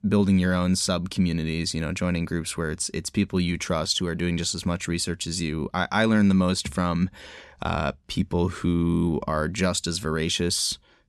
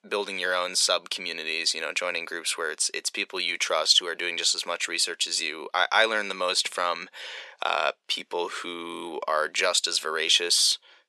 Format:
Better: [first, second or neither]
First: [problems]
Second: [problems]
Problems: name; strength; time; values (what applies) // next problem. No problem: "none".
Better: first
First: none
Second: thin; very; fading below 450 Hz